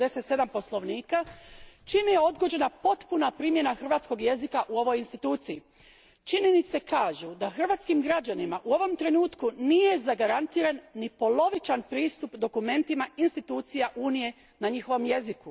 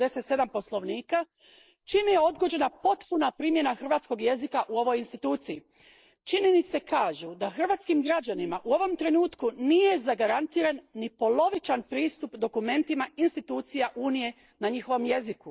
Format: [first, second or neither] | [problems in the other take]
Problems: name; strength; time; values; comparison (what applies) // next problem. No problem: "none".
first | noise reduction (neural mask model Resemble Enhance denoiser)